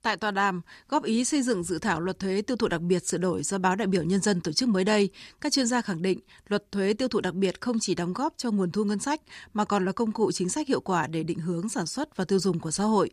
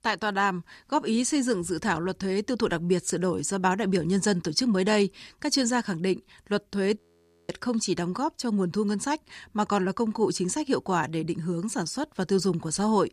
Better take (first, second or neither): first